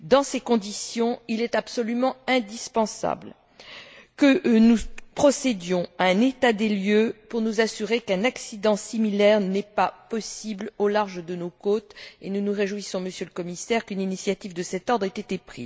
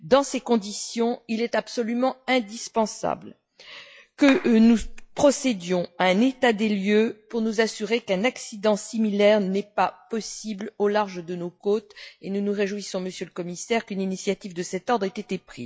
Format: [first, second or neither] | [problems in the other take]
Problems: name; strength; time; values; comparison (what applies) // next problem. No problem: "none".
first | noise reduction (classical method log-MMSE)